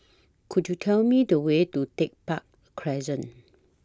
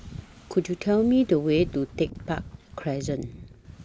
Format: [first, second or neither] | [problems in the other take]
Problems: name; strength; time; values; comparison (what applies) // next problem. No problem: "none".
first | background sound (Wind / Ocean); 14 dB below the speech